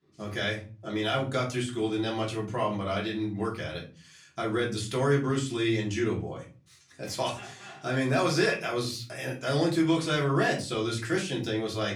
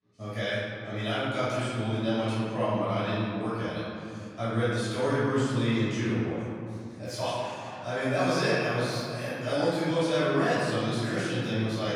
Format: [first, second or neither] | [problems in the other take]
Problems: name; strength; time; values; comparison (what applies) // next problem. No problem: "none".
first | room echo; strong; dies away in 2.8 s; slight in the first // off-mic speech; far; far in the first